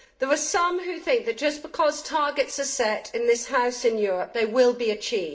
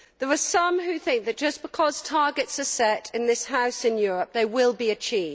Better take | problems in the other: second | room echo; dies away in 0.4 s

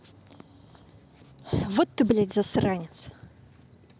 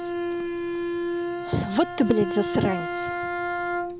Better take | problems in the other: first | background sound (Bowed string instrument); 1 dB below the speech

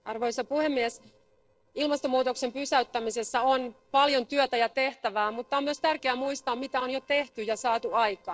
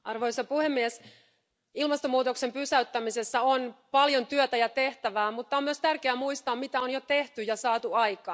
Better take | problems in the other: second | noise reduction (neural separator model SepFormer DNS4)

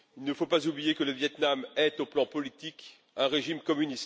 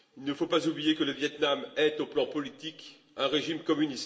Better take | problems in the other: first | room echo; dies away in 2.2 s

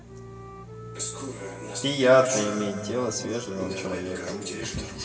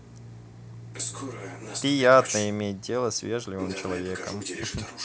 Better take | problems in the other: second | background sound (Wind instrument, woodwind instrument); 17 dB below the speech // room echo; dies away in 2.2 s

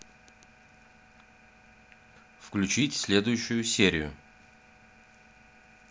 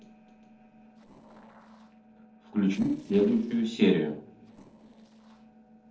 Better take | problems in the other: first | noise reduction (neural separator model SepFormer DNS4)

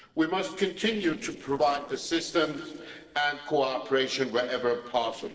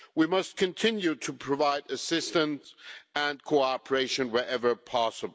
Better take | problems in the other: second | noise reduction (neural separator model SepFormer DNS4)

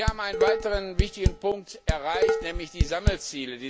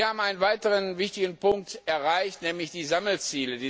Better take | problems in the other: second | background sound (Dishes, pots, and pans); 4 dB above the speech

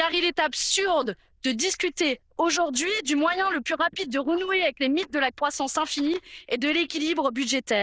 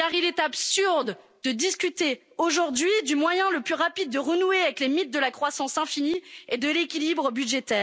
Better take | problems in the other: second | noise reduction (neural diffusion model UNIVERSE++)

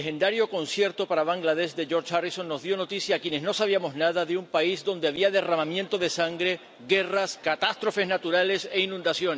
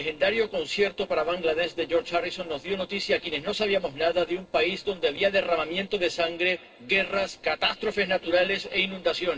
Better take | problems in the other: first | noise reduction (neural separator model SepFormer DNS4)

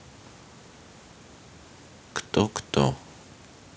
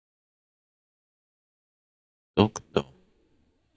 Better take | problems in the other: first | noise reduction (neural mask model DeepFilterNet 3)

